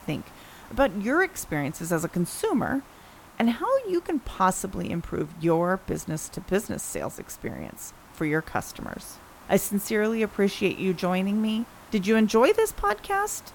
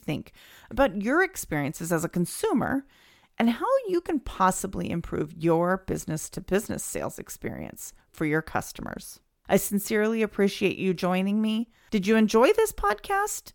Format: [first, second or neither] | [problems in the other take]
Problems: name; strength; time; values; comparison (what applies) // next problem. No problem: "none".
second | hiss; faint; throughout; 20 dB below the speech